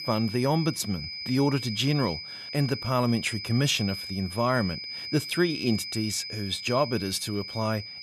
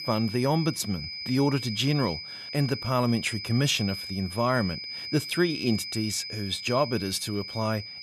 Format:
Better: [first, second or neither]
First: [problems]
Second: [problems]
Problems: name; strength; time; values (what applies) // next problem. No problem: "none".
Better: neither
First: high-pitched whine; loud; throughout; 5 kHz, 7 dB below the speech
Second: high-pitched whine; loud; throughout; 5 kHz, 7 dB below the speech